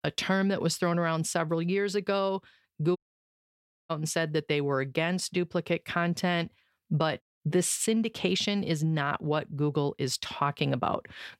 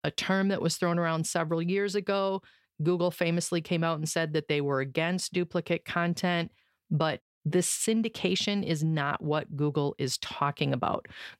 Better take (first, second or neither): second